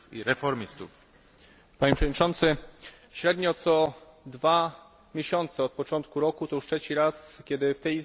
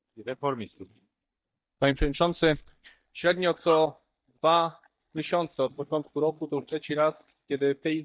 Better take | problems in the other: first | noise reduction (neural mask model DeepFilterNet 3)

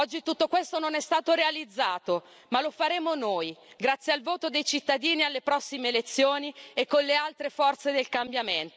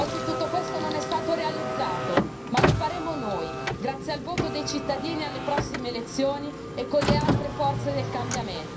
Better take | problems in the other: first | background sound (Car); 1 dB above the speech // room echo; dies away in 0.3 s

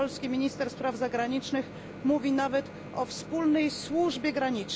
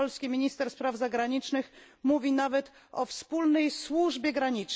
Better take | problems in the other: second | background sound (Microwave oven); 13 dB below the speech

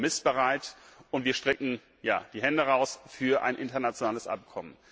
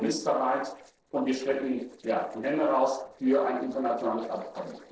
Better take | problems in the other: first | noise reduction (neural separator model SepFormer DNS4)

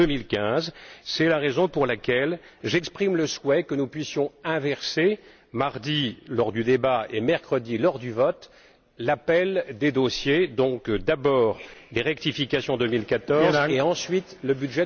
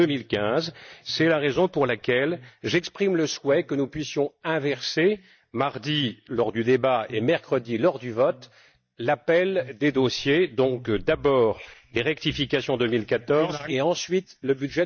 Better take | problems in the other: first | noise reduction (neural mask model DeepFilterNet 3)

